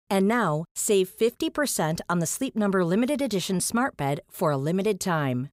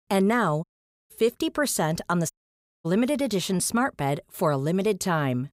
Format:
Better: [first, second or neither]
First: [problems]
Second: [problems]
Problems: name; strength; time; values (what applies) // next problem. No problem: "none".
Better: first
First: none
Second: audio cutting out; at 0.5 s and at 2.5 s for 0.5 s